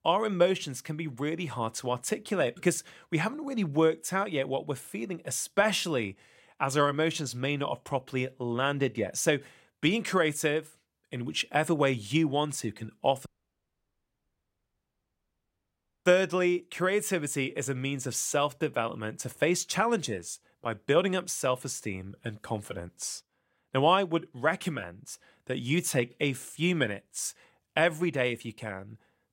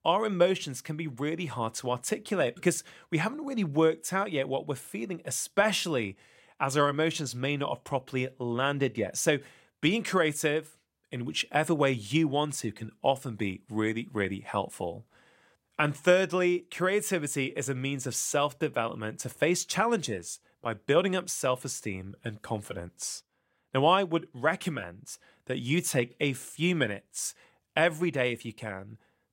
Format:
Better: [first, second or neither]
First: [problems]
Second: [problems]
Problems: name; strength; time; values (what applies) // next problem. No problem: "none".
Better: second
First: audio cutting out; at 13 s for 3 s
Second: none